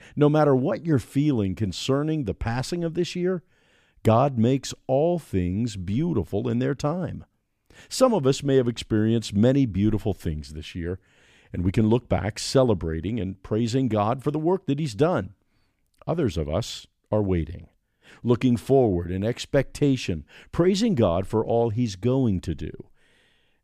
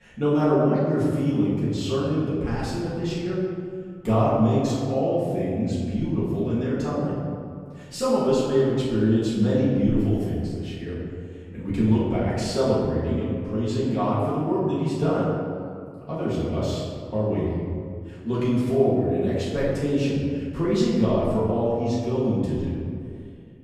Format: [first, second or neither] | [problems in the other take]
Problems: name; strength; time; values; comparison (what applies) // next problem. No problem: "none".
first | off-mic speech; far // room echo; strong; dies away in 2 s